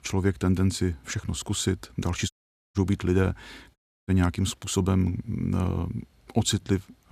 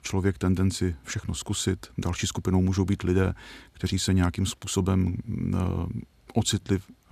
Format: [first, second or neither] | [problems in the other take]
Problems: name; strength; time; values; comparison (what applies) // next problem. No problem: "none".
second | audio cutting out; at 2.5 s and at 4 s